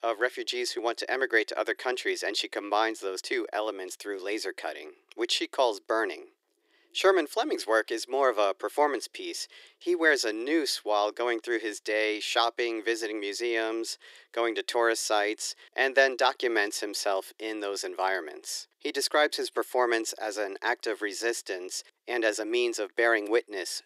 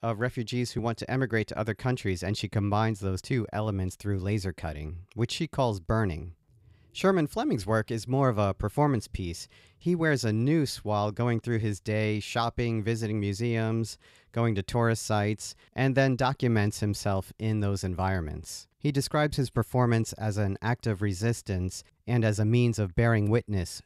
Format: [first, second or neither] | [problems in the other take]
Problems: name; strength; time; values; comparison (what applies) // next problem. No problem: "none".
second | thin; very; fading below 350 Hz